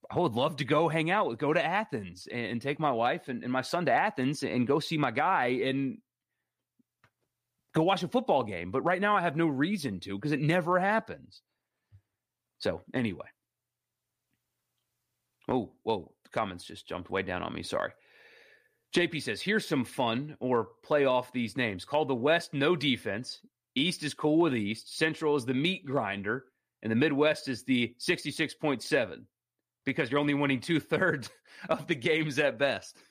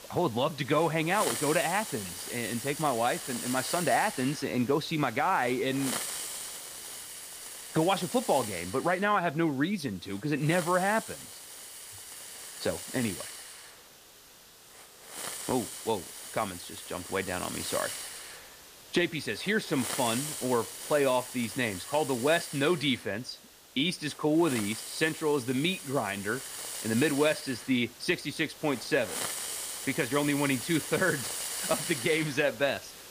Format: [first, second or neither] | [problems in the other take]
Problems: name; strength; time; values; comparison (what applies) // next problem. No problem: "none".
first | hiss; loud; throughout; 8 dB below the speech